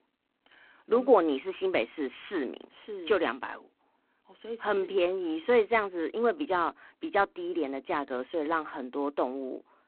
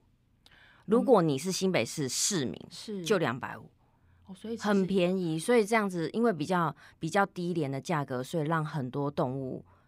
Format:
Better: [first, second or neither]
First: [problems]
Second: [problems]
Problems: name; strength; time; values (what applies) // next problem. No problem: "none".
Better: second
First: phone-call audio; poor line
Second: none